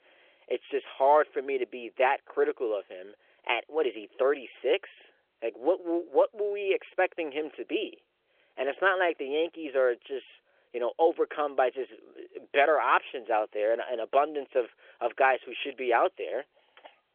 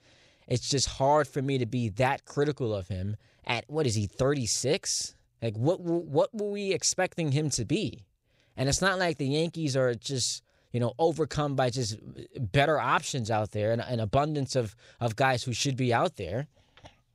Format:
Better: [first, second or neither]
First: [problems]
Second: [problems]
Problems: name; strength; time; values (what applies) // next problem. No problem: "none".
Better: second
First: phone-call audio; nothing above 3.5 kHz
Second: none